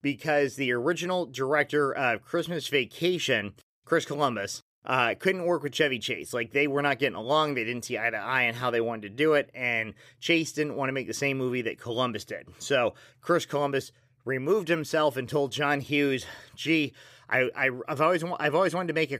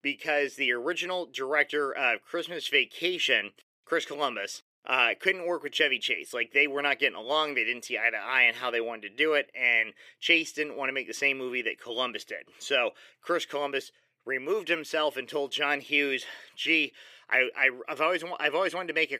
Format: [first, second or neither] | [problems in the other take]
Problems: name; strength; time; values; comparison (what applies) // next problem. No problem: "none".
first | thin; somewhat; fading below 350 Hz